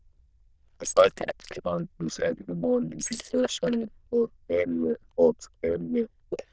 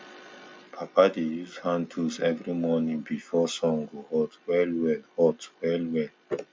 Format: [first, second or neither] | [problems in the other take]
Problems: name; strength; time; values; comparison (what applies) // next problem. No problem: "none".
second | noise reduction (neural diffusion model UNIVERSE++)